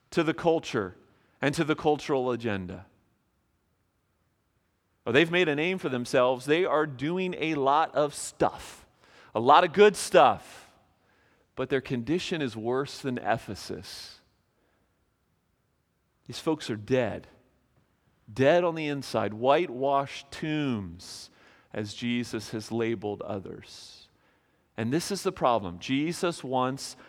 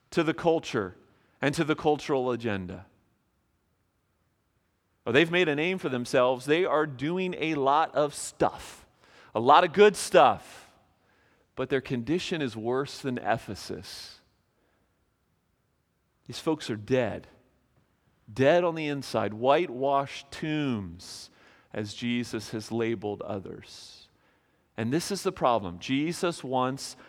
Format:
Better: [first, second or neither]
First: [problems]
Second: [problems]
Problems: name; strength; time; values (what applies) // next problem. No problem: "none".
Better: neither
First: none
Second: none